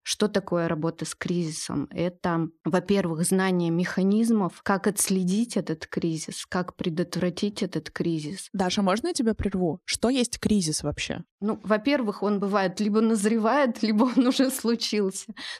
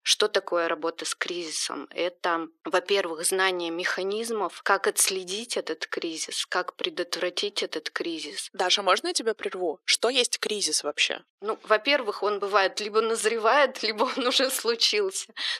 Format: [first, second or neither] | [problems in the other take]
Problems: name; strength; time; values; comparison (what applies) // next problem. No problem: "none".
first | thin; very; fading below 400 Hz